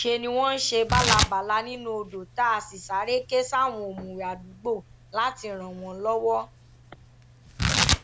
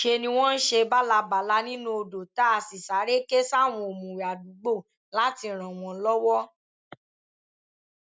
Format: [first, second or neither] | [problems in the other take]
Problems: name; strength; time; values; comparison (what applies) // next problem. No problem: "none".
second | background sound (Tearing); 4 dB below the speech